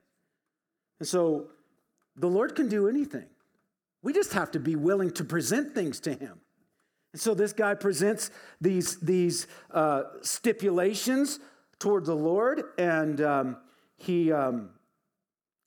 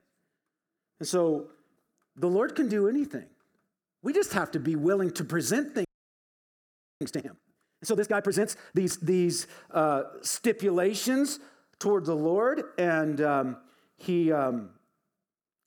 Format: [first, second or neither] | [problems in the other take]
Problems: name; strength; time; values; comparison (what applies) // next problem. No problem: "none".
first | audio freezing; at 6 s for 1 s